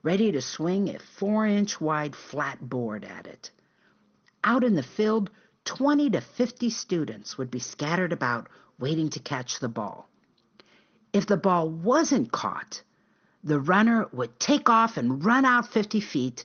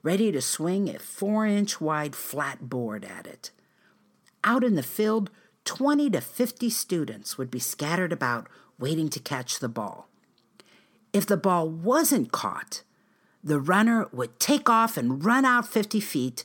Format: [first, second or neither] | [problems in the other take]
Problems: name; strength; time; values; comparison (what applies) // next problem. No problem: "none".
second | garbled, watery; slightly; nothing above 6.5 kHz